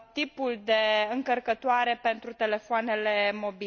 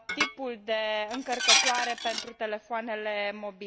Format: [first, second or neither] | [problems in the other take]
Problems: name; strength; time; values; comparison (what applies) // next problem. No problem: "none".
first | background sound (Dishes, pots, and pans); 2 dB above the speech